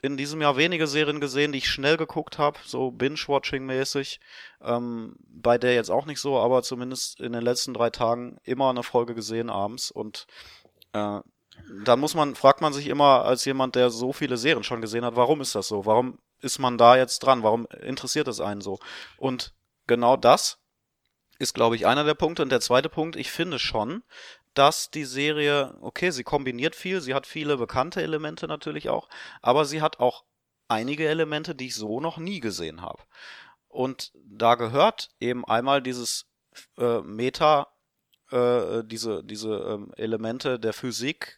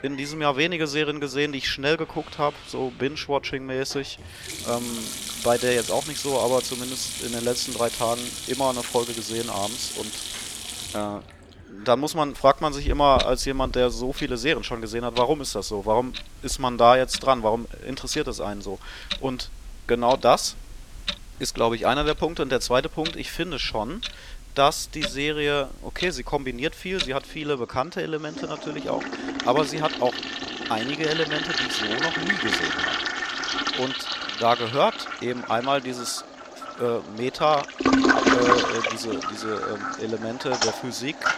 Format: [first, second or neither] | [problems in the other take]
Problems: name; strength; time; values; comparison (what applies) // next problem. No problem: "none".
first | household noises; loud; throughout; 3 dB below the speech